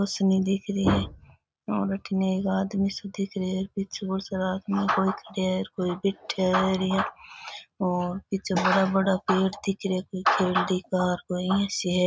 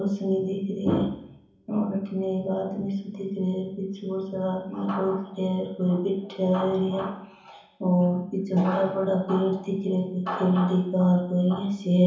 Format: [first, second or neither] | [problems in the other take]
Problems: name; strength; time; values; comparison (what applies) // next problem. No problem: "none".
first | room echo; dies away in 0.7 s